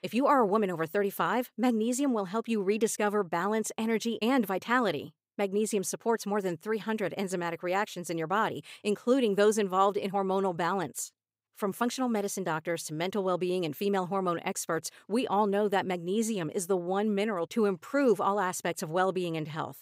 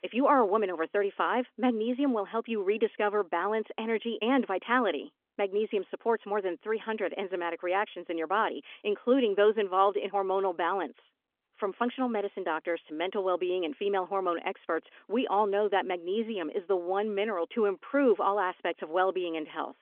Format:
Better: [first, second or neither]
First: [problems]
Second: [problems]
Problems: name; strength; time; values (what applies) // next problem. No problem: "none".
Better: first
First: none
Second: phone-call audio; nothing above 3.5 kHz